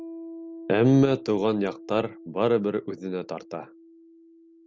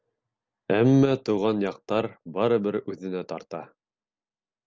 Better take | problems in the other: second | background sound (Piano); 17 dB below the speech

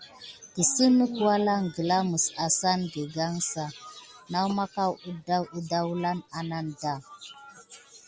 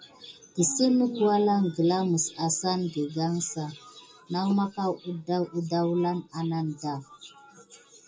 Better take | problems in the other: first | room echo; dies away in 0.2 s

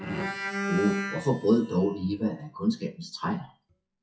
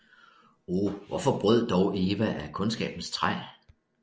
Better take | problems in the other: second | noise reduction (classical method WPE with log-MMSE)

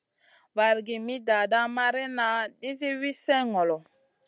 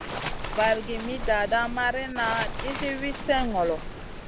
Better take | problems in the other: first | background sound (Waves, surf); 5 dB below the speech

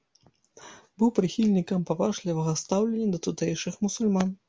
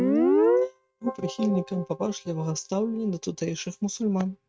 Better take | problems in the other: first | noise reduction (neural mask model RNNoise)

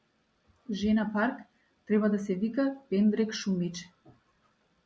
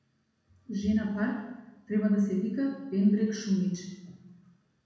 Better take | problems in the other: first | room echo; dies away in 1 s

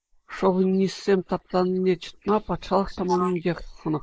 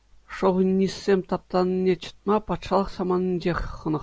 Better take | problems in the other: second | noise reduction (neural mask model Resemble Enhance denoiser)

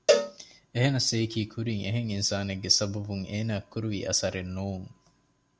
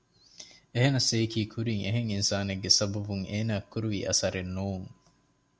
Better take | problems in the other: second | background sound (Cowbell); 1 dB below the speech

